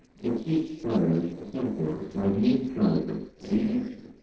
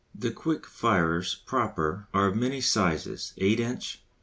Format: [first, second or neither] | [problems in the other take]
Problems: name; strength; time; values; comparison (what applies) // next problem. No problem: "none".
second | noise reduction (neural separator model SepFormer DNS4)